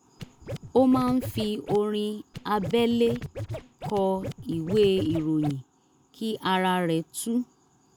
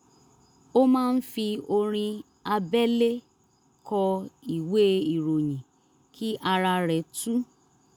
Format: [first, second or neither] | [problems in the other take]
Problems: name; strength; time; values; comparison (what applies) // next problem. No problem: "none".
second | background sound (Scratching (performance technique)); 10 dB below the speech